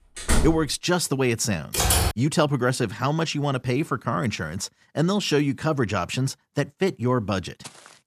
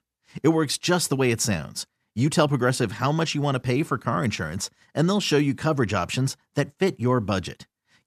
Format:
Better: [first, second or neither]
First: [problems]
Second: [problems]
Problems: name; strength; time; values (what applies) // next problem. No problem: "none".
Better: second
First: door banging; noticeable; at 0.5 s; peak level with the speech // keyboard typing; loud; at 1.5 s; peak 4 dB above the speech // footsteps; faint; at 7.5 s; peak 20 dB below the speech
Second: none